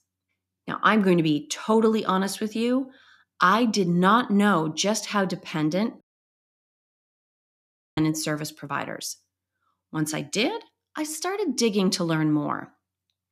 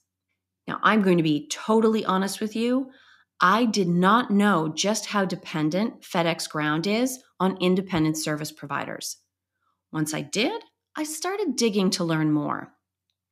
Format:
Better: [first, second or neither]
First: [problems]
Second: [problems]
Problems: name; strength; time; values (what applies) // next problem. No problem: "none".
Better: second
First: audio cutting out; at 6 s for 2 s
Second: none